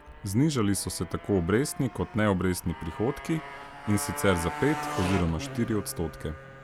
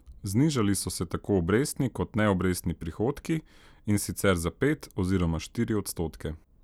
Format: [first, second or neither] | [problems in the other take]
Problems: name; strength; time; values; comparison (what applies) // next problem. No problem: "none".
second | background sound (Motorcycle); 11 dB below the speech